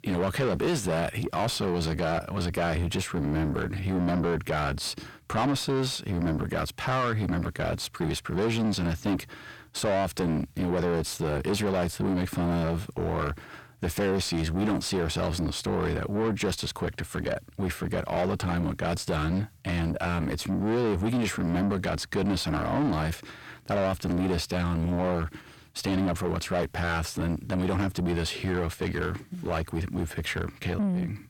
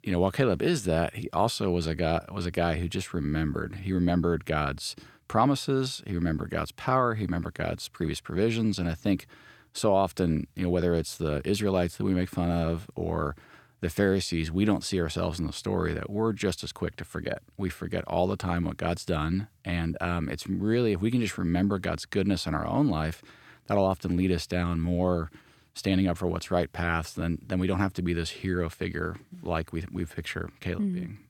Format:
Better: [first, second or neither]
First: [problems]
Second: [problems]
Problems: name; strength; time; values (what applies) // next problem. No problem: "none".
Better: second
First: distortion; heavy; 6 dB below the speech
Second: none